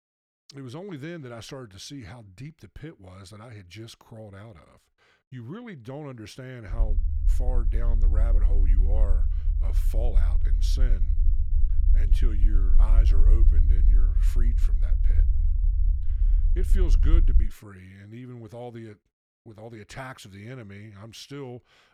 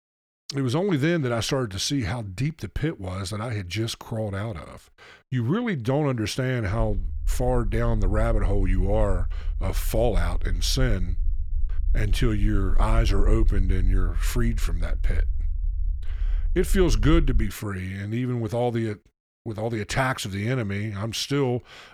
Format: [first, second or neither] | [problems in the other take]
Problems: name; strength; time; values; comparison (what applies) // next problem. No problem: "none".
second | low rumble; loud; from 6.5 to 17 s; 6 dB below the speech; faint in the second